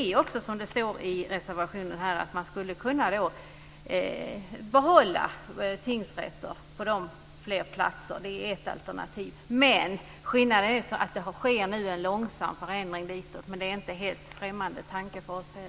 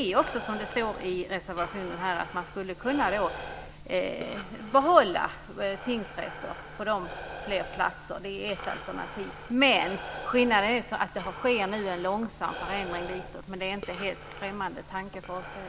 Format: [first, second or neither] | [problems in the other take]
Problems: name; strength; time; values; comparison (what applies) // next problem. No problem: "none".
first | background sound (Breathing); 12 dB below the speech